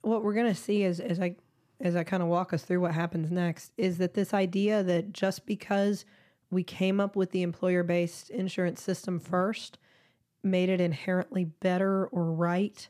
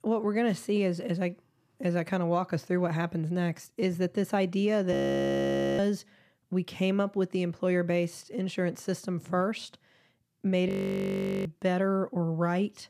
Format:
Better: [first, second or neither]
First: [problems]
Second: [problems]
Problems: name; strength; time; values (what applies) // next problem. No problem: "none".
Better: first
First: none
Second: audio freezing; at 5 s for 1 s and at 11 s for 1 s